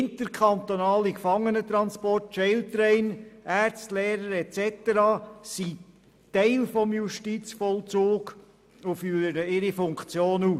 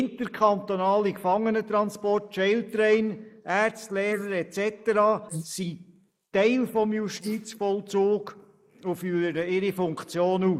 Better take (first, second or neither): first